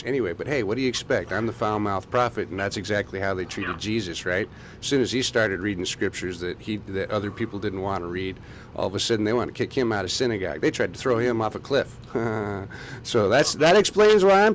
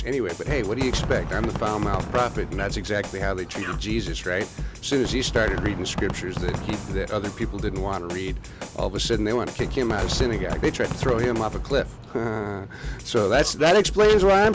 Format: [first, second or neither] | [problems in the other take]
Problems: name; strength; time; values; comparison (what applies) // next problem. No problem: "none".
first | background sound (Drum kit + Fireworks); 6 dB below the speech